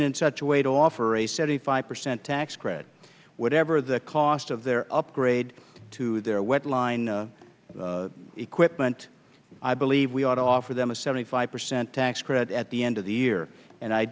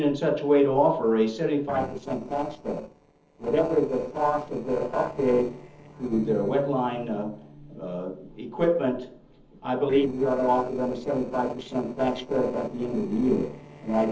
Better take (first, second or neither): first